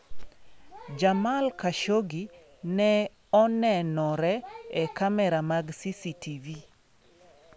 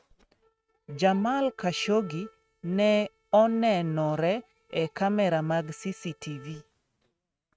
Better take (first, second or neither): first